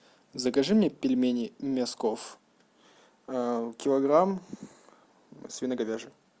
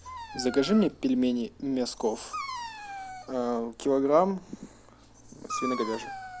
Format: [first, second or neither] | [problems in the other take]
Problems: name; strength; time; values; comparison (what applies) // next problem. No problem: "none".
first | background sound (Dog); 12 dB below the speech